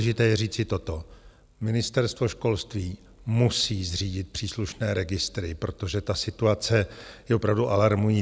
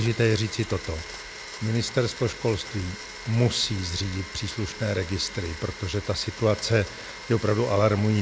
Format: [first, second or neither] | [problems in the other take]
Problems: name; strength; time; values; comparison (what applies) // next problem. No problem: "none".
first | background sound (Domestic sounds, home sounds); 13 dB below the speech